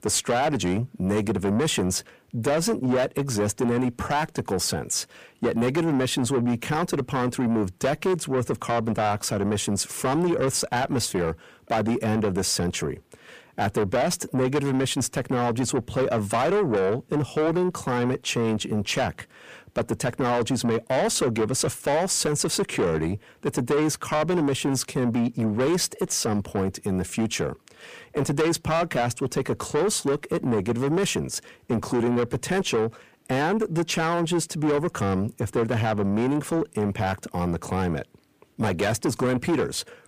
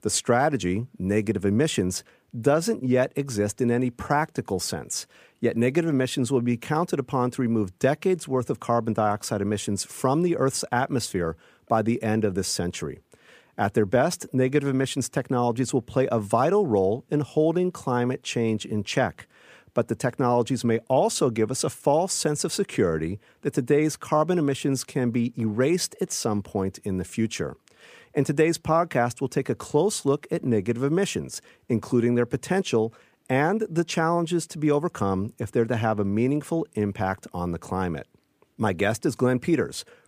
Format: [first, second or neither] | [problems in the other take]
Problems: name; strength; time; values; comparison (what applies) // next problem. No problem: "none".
second | distortion; heavy; 7 dB below the speech